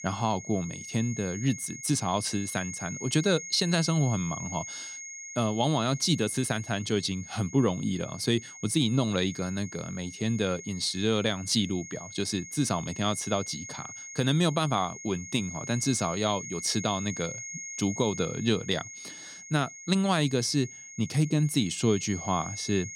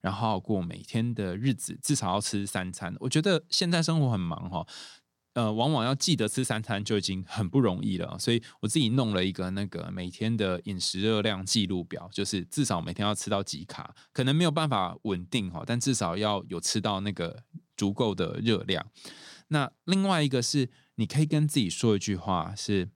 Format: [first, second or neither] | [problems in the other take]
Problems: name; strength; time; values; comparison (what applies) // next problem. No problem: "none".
second | high-pitched whine; noticeable; throughout; 6.5 kHz, 10 dB below the speech